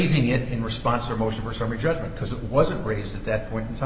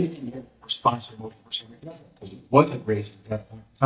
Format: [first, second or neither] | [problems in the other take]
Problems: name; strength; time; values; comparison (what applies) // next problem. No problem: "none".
first | noise reduction (neural mask model DeepFilterNet 3)